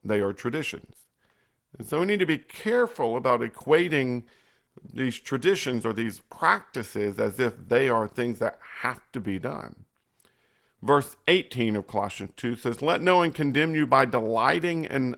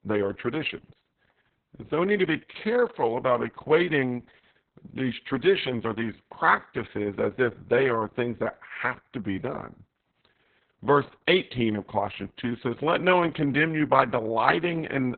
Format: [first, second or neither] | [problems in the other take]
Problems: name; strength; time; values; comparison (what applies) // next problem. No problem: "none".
first | garbled, watery; badly; nothing above 4 kHz; slightly in the first